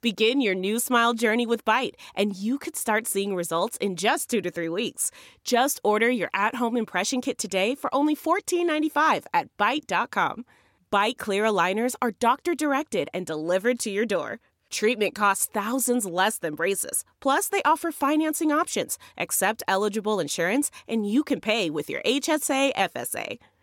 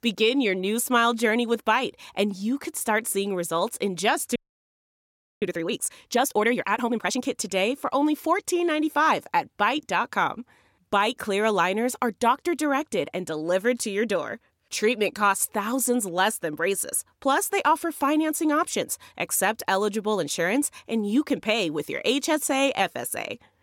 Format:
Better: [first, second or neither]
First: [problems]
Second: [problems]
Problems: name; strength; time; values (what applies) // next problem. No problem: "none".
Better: first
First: none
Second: audio freezing; at 4.5 s for 1 s